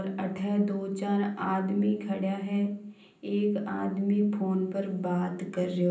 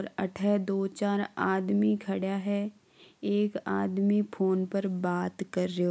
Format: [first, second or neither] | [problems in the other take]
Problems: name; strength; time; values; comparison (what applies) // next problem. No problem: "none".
second | room echo; dies away in 0.6 s